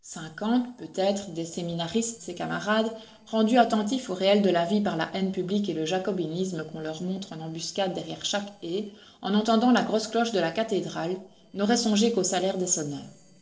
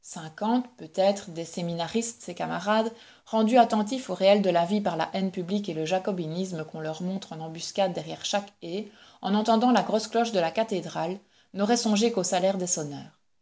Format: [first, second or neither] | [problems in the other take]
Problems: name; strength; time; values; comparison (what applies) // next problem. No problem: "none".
second | noise reduction (neural separator model SepFormer DNS4)